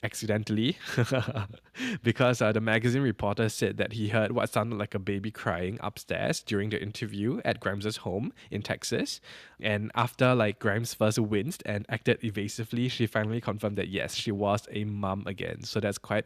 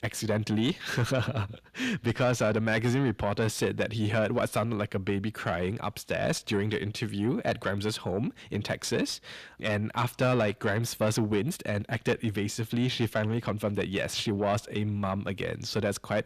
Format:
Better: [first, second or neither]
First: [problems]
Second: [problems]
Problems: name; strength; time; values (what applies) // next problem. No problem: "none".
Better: first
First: none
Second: distortion; slight; 10 dB below the speech